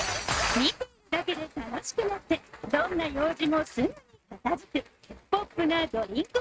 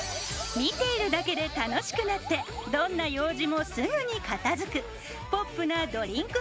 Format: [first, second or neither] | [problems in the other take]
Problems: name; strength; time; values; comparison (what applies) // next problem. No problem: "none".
second | noise reduction (neural mask model RNNoise)